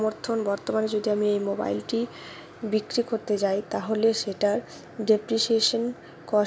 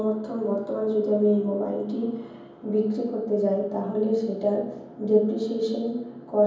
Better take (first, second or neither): first